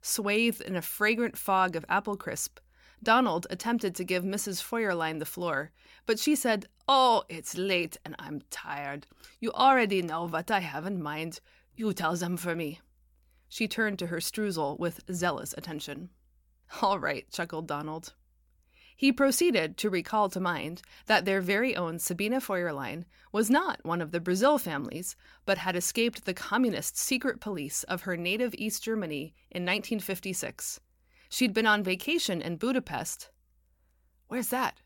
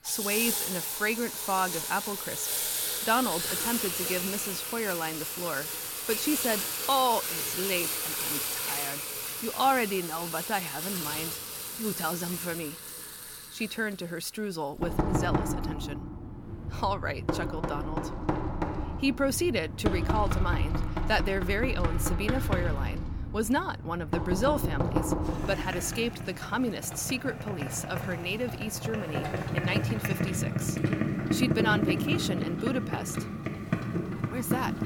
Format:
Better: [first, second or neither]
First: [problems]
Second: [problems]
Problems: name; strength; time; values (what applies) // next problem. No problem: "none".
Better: first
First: none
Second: household noises; very loud; throughout; as loud as the speech